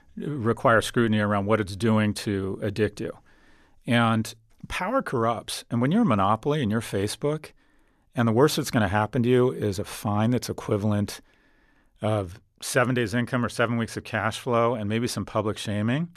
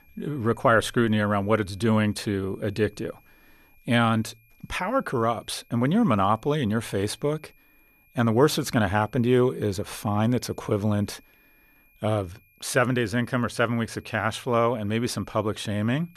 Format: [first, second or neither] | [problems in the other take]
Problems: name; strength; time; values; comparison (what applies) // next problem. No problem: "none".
first | high-pitched whine; faint; throughout; 2.5 kHz, 35 dB below the speech